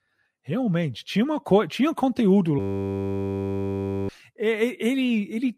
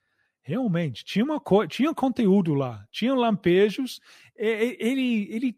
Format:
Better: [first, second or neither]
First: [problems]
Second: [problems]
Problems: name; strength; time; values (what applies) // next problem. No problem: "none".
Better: second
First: audio freezing; at 2.5 s for 1.5 s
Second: none